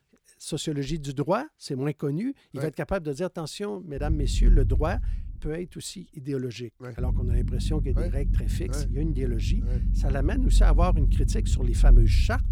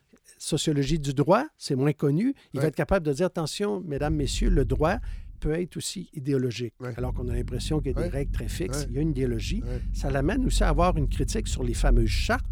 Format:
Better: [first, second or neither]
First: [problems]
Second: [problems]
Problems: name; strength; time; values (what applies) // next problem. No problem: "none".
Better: second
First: low rumble; loud; from 4 s on; 10 dB below the speech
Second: low rumble; faint; from 4 s on; 20 dB below the speech